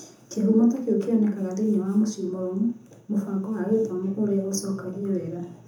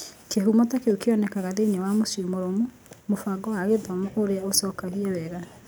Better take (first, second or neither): second